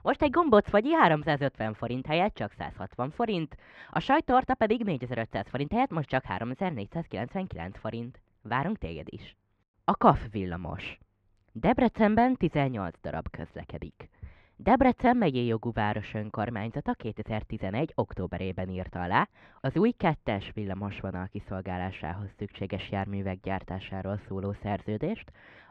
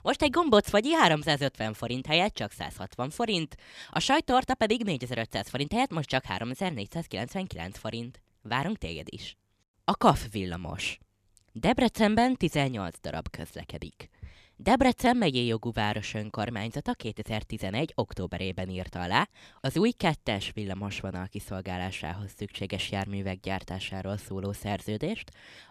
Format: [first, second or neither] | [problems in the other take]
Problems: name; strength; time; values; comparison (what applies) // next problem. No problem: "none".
second | muffled; very; fading above 1.5 kHz